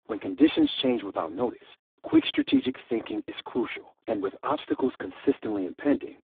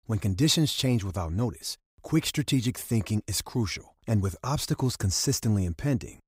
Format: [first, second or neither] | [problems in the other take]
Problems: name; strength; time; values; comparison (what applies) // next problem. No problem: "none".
second | phone-call audio; poor line; nothing above 3.5 kHz